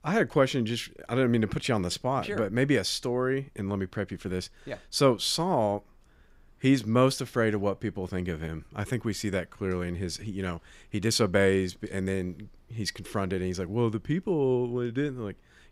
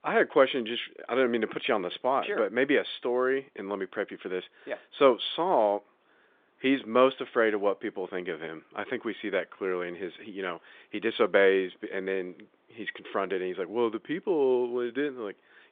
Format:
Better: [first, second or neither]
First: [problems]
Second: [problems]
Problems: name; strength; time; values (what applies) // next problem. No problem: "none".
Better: first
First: none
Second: phone-call audio